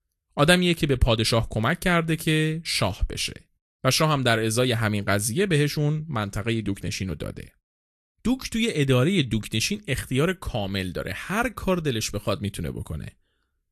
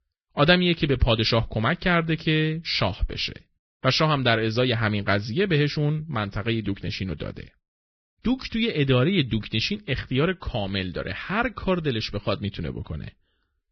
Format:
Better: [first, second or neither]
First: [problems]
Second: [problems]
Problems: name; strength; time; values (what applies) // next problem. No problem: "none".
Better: first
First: garbled, watery; slightly; nothing above 12.5 kHz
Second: garbled, watery; badly; nothing above 5.5 kHz